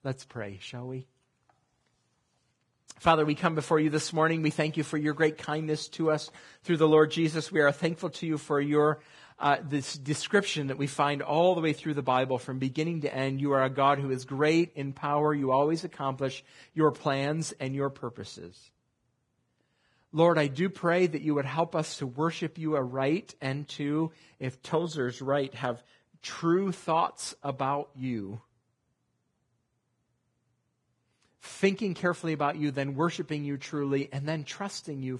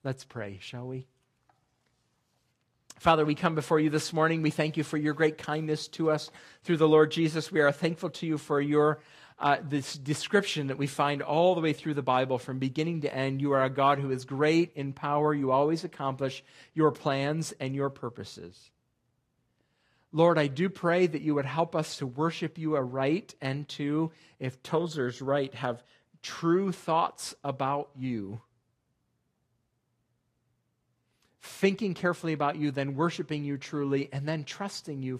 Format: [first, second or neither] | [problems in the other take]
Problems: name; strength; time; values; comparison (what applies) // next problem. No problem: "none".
second | garbled, watery; badly; slightly in the second